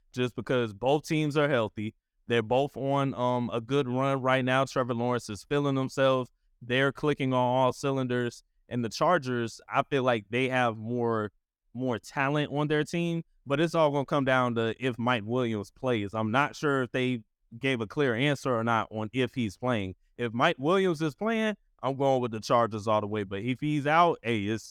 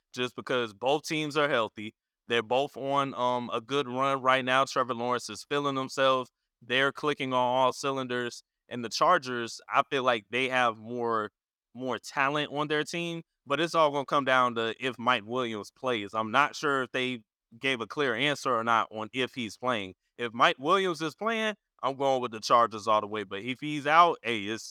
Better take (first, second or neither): first